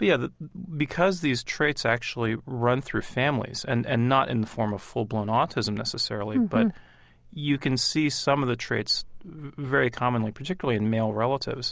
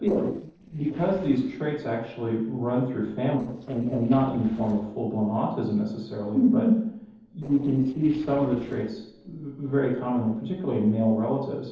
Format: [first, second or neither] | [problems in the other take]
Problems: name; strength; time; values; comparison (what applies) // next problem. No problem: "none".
first | noise reduction (neural separator model SepFormer DNS4)